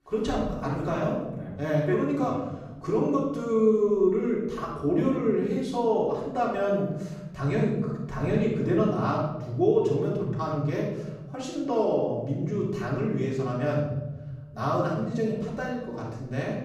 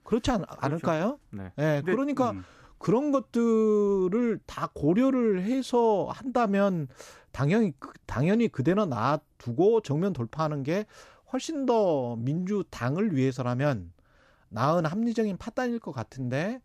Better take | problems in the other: second | off-mic speech; far // room echo; noticeable; dies away in 1.6 s

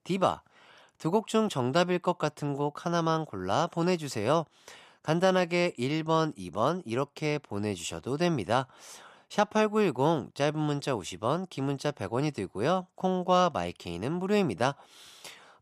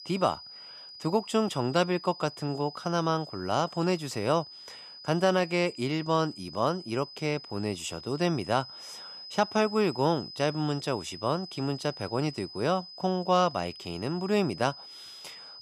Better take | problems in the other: first | high-pitched whine; noticeable; throughout; 5 kHz, 15 dB below the speech

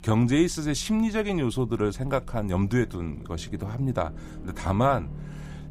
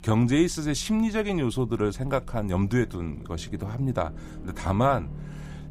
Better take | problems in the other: neither | low rumble; faint; throughout; 20 dB below the speech; the same in both

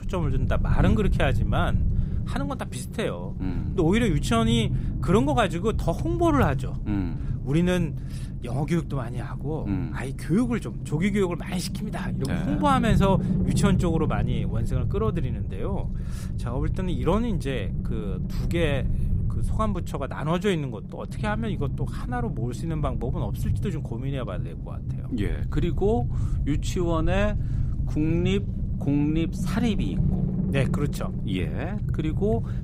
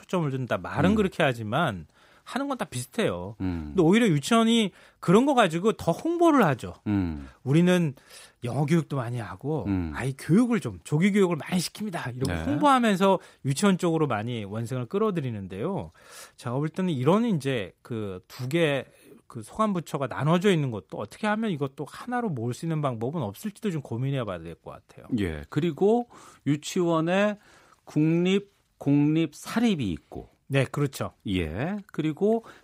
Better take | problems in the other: second | low rumble; noticeable; throughout; 10 dB below the speech

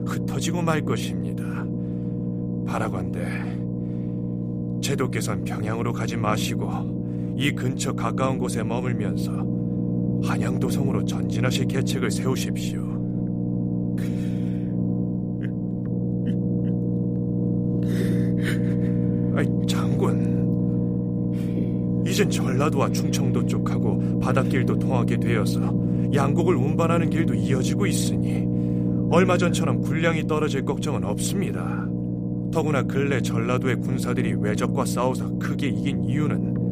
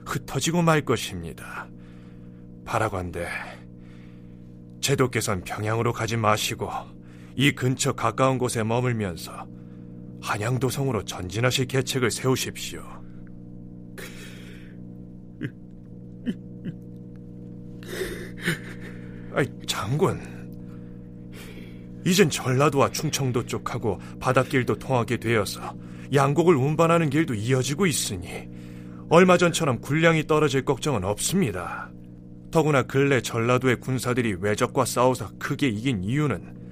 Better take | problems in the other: second | low rumble; loud; throughout; 3 dB below the speech; faint in the second

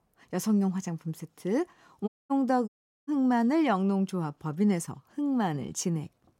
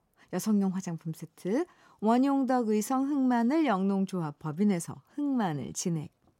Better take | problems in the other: second | audio cutting out; at 2 s and at 2.5 s

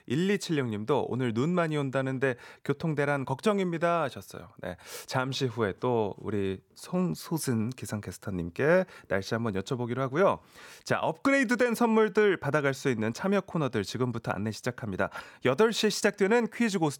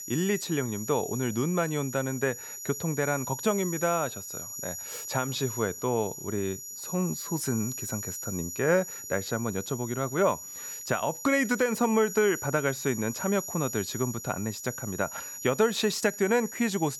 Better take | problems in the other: first | high-pitched whine; loud; throughout; 7 kHz, 8 dB below the speech

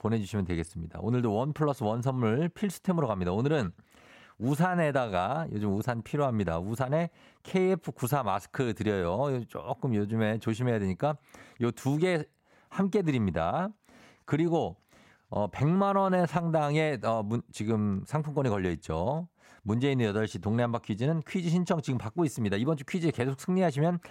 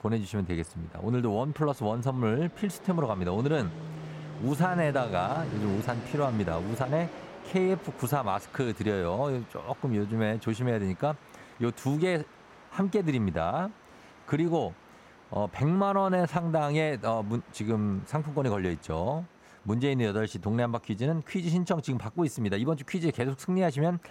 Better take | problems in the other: first | train or aircraft noise; noticeable; throughout; 15 dB below the speech

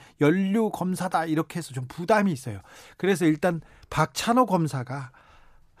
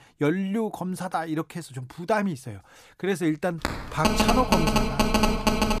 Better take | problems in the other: first | phone ringing; loud; from 3.5 s on; peak 6 dB above the speech

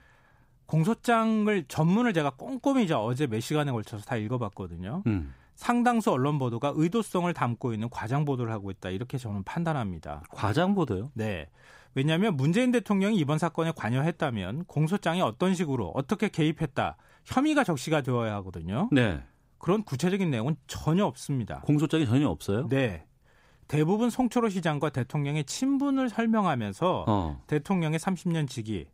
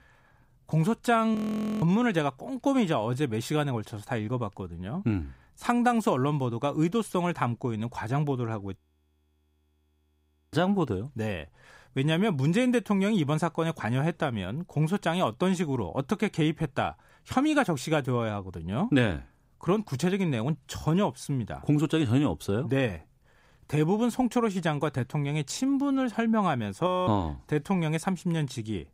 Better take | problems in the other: first | audio freezing; at 1.5 s, at 9 s for 2 s and at 27 s

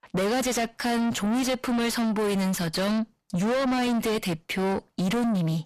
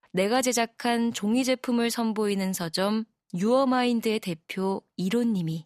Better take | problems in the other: second | distortion; heavy; 5 dB below the speech

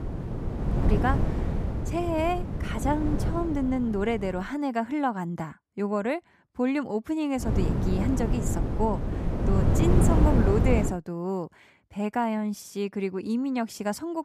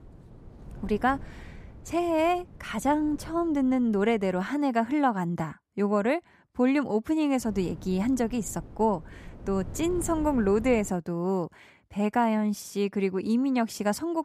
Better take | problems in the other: second | wind noise on the microphone; heavy; until 4.5 s and from 7.5 to 11 s; 4 dB below the speech; occasional gusts in the second

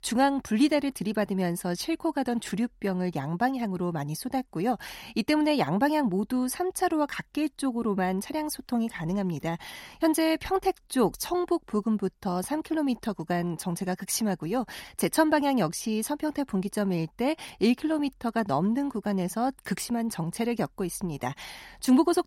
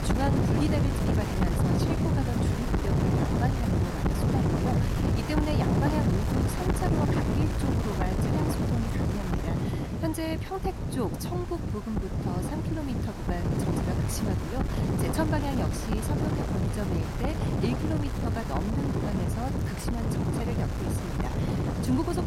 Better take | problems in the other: first | wind noise on the microphone; heavy; 2 dB above the speech

